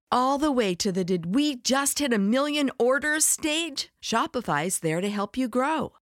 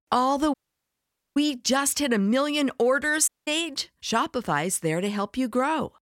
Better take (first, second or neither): first